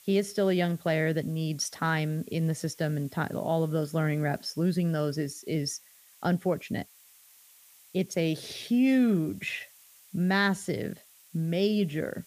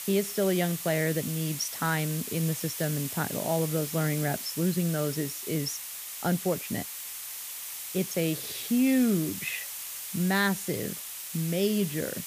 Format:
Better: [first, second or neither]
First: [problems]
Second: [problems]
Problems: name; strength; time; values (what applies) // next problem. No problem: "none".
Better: first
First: hiss; faint; throughout; 25 dB below the speech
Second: hiss; loud; throughout; 6 dB below the speech